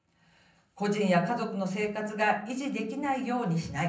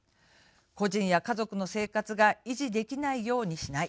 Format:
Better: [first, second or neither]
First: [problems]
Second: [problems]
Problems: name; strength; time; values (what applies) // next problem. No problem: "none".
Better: second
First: room echo; dies away in 0.6 s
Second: none